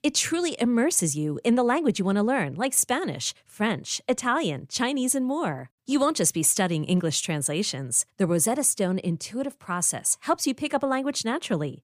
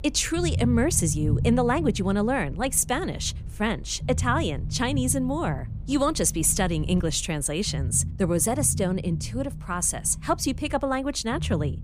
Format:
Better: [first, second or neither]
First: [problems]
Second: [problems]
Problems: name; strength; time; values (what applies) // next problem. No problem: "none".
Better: first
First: none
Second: low rumble; noticeable; throughout; 15 dB below the speech